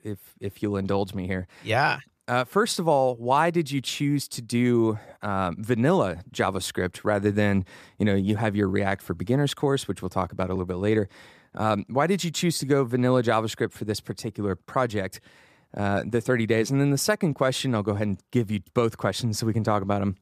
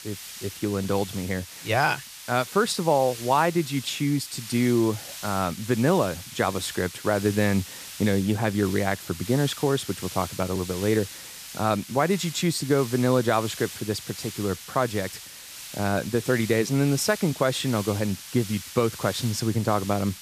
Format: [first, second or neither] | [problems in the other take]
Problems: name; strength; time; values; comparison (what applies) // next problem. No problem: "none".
first | hiss; noticeable; throughout; 10 dB below the speech